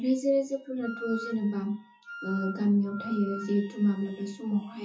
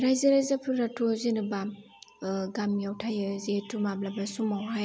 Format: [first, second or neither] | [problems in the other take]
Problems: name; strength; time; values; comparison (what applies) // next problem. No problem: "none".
second | noise reduction (classical method WPE with log-MMSE)